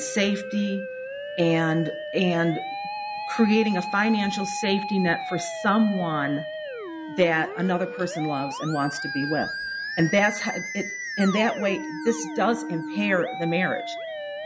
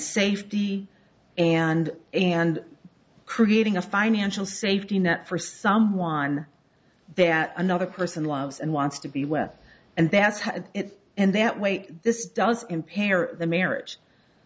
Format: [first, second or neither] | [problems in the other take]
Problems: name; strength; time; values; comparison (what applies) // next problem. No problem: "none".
second | background sound (Musical instrument); 7 dB below the speech